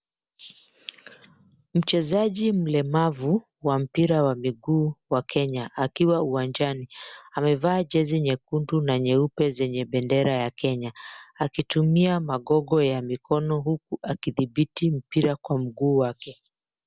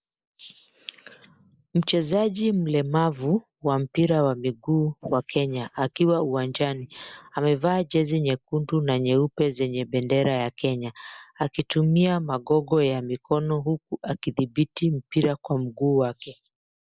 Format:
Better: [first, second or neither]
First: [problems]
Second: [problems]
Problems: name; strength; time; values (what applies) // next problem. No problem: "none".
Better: first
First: none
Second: noise reduction (neural mask model Resemble Enhance denoiser)